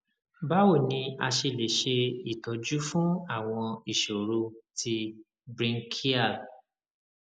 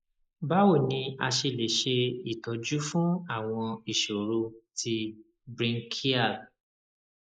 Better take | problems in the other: first | noise reduction (neural mask model Resemble Enhance denoiser)

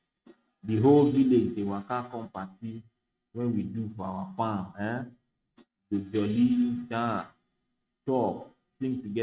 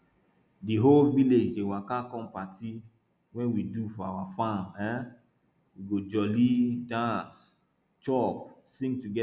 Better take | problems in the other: second | noise reduction (neural mask model RNNoise)

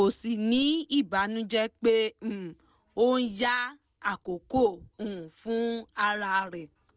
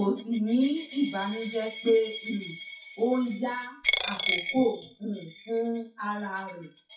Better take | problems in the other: first | noise reduction (classical method WPE with log-MMSE)

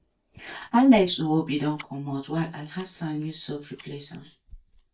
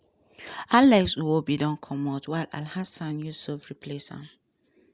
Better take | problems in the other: second | noise reduction (neural mask model DeepFilterNet 3)

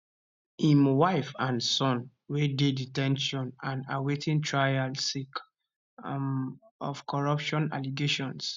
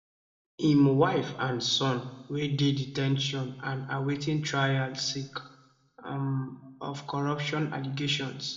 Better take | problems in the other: first | room echo; dies away in 0.7 s

